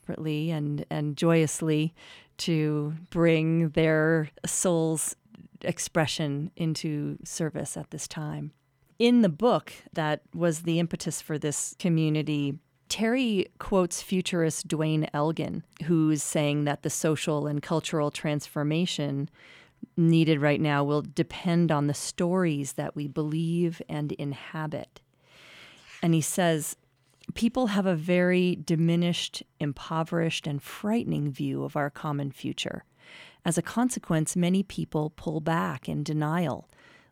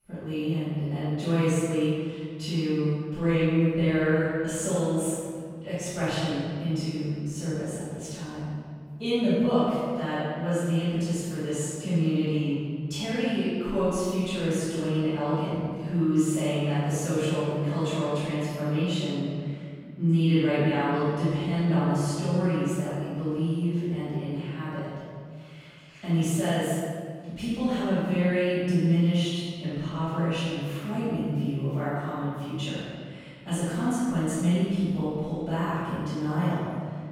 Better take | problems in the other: first | off-mic speech; far // room echo; strong; dies away in 1.9 s

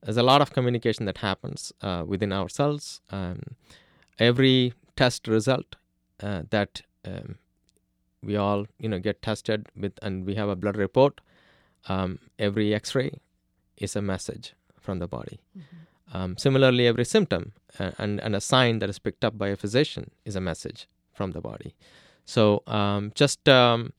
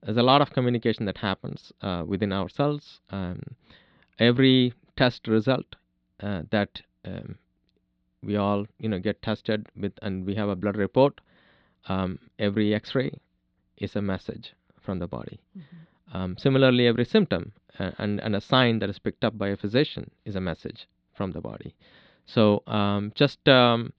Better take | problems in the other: first | muffled; very slightly; fading above 4 kHz

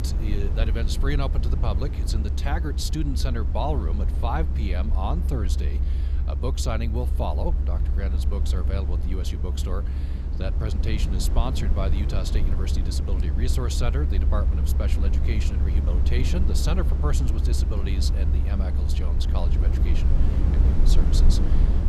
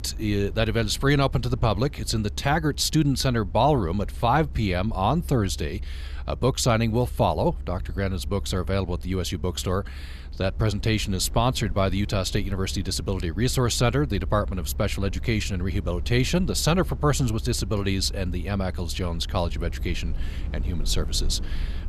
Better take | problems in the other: second | low rumble; loud; throughout; 6 dB below the speech; faint in the second

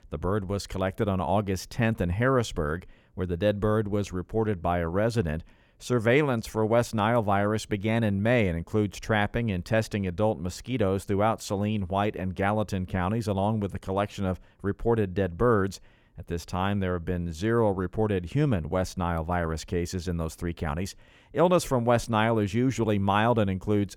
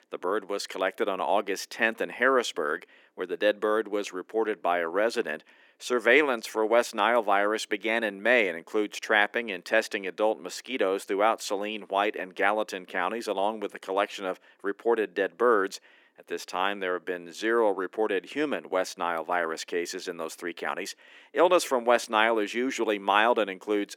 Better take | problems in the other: first | thin; somewhat; fading below 300 Hz

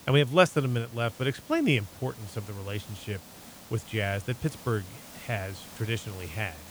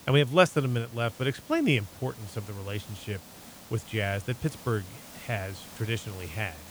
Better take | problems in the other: neither | hiss; noticeable; throughout; 15 dB below the speech; the same in both

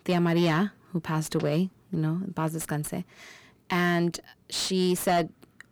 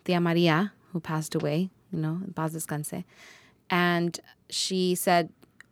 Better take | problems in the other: second | distortion; slight; 10 dB below the speech

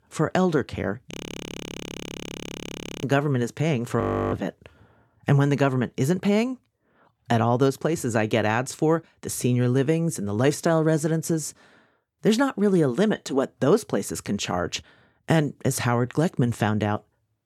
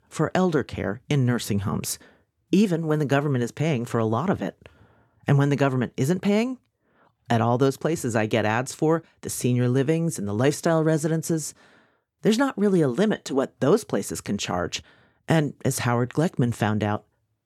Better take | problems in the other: second | audio freezing; at 1 s for 2 s and at 4 s

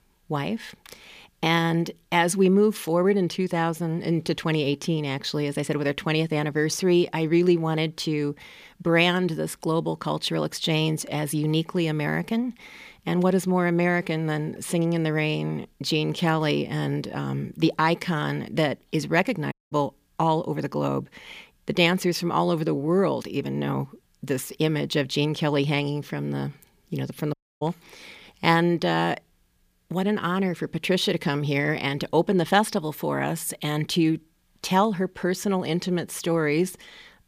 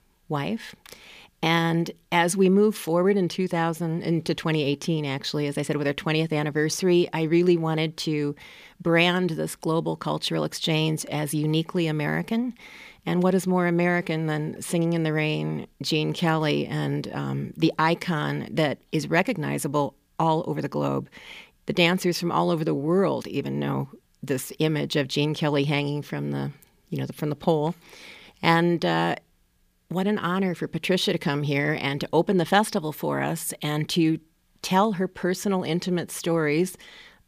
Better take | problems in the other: second | audio cutting out; at 20 s and at 27 s

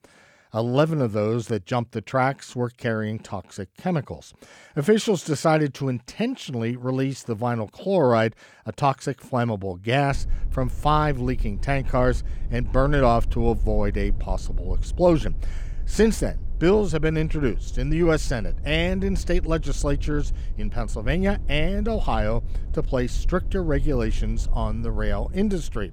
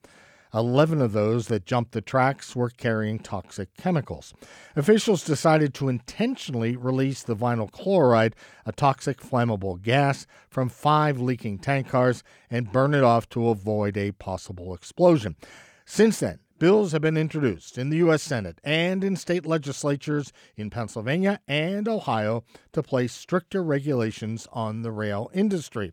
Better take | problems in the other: second | low rumble; faint; from 10 s on; 25 dB below the speech

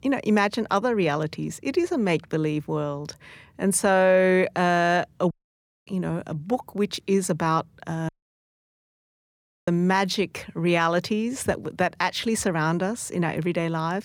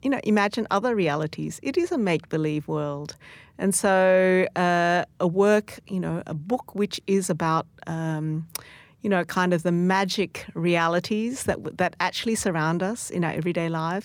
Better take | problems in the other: second | audio cutting out; at 5.5 s for 0.5 s and at 8 s for 1.5 s

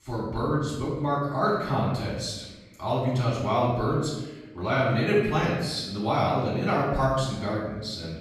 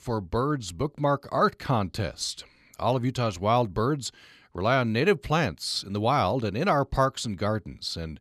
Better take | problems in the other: second | off-mic speech; far // room echo; noticeable; dies away in 1 s

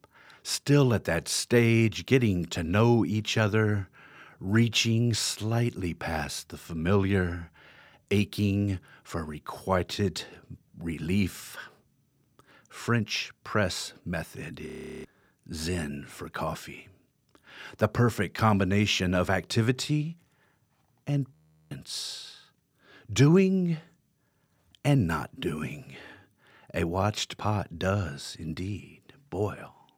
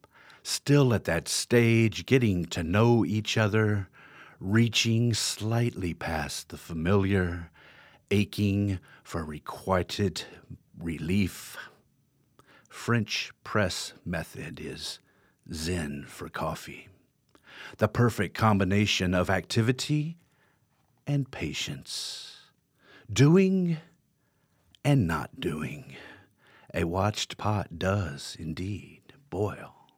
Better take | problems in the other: second | audio freezing; at 15 s and at 21 s

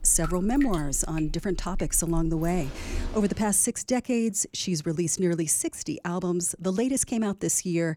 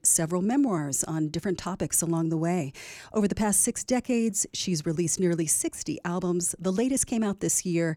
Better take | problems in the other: second | rain or running water; noticeable; until 3.5 s; 15 dB below the speech

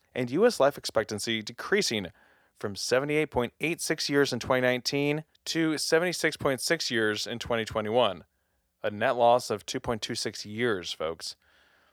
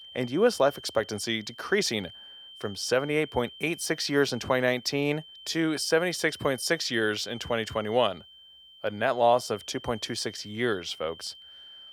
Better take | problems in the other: first | high-pitched whine; noticeable; throughout; 3 kHz, 20 dB below the speech

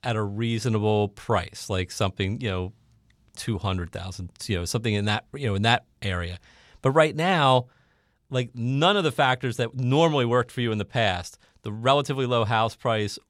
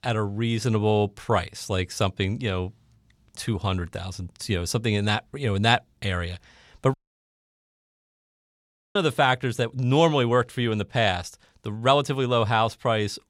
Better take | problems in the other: first | audio cutting out; at 7 s for 2 s

